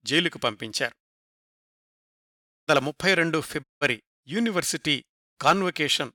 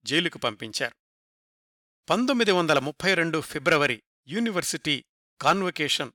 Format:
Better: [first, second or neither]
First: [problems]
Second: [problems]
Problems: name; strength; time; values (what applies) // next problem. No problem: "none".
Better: second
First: audio cutting out; at 2 s for 0.5 s and at 3.5 s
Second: none